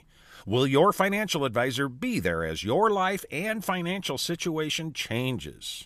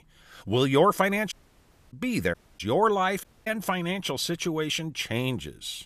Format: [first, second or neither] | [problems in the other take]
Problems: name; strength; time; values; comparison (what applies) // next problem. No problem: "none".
first | audio cutting out; at 1.5 s for 0.5 s, at 2.5 s and at 3 s